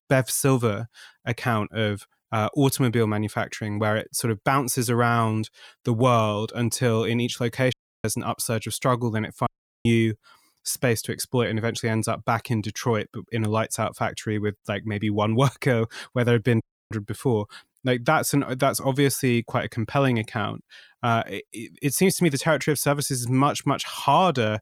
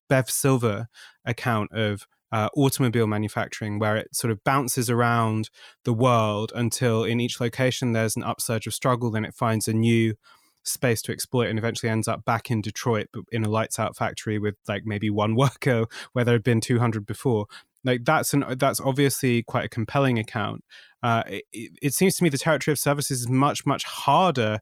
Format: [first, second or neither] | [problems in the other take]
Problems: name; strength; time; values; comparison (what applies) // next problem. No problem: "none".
second | audio cutting out; at 7.5 s, at 9.5 s and at 17 s